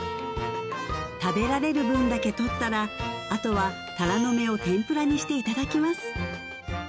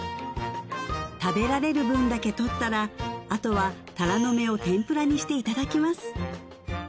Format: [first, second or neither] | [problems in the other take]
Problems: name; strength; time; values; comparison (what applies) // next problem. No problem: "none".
second | background sound (Bowed string instrument); 11 dB below the speech